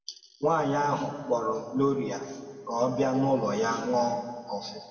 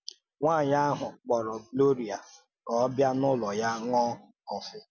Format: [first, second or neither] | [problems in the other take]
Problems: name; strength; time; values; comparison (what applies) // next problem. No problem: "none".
second | room echo; dies away in 1.8 s